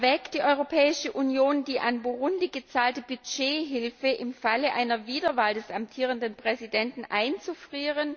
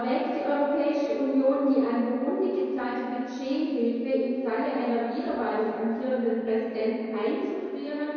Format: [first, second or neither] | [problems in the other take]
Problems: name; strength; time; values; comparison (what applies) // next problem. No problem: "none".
first | room echo; dies away in 2.2 s